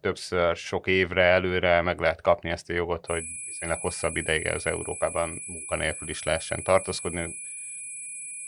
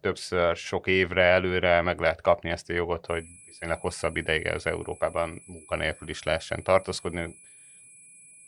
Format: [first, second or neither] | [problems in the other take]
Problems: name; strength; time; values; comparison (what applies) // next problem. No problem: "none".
second | high-pitched whine; loud; from 3 s on; 10 kHz, 8 dB below the speech; faint in the second